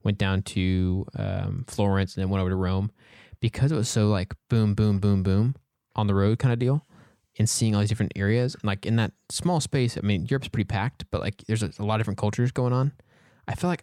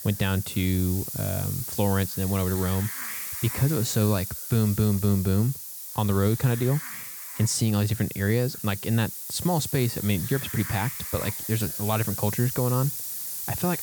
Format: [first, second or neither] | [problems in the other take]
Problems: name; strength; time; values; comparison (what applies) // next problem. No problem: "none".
first | hiss; loud; throughout; 6 dB below the speech